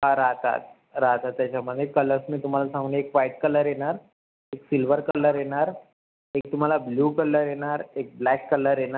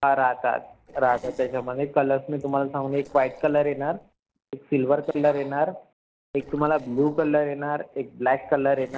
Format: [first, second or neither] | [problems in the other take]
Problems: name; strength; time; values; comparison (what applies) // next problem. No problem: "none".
first | noise reduction (neural separator model SepFormer DNS4)